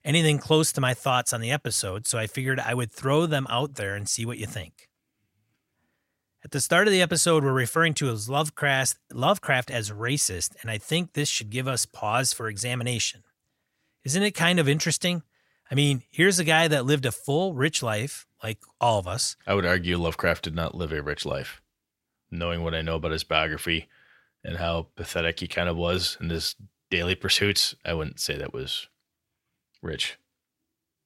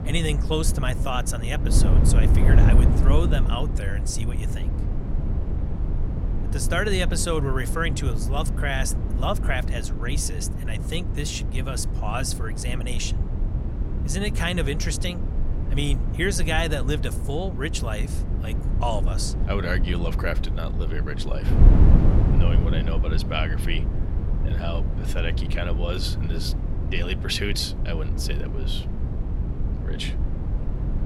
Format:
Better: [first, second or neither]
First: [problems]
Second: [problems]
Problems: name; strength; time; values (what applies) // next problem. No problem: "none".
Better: first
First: none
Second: wind noise on the microphone; heavy; 8 dB below the speech